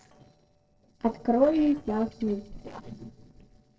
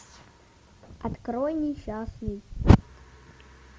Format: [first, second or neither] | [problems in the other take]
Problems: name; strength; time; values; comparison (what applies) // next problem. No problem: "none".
second | noise reduction (neural separator model SepFormer DNS4)